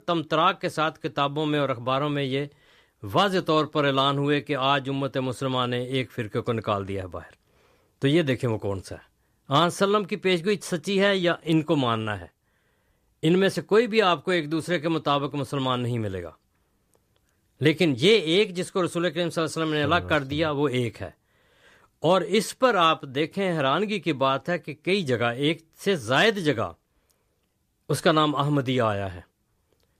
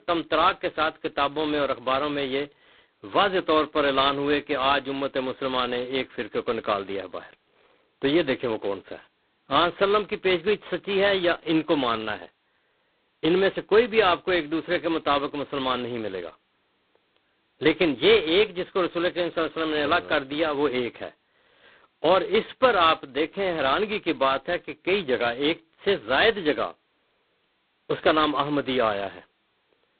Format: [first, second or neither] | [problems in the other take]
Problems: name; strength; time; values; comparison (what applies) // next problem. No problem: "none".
first | phone-call audio; poor line; nothing above 4 kHz